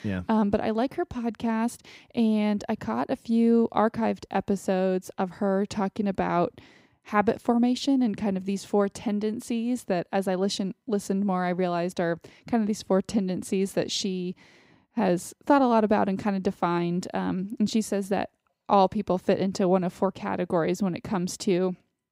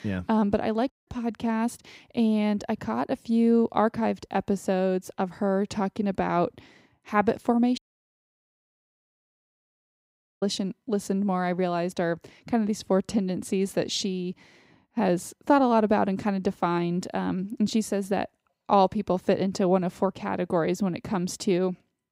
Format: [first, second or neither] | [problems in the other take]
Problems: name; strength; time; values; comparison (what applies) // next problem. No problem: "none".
first | audio cutting out; at 1 s and at 8 s for 2.5 s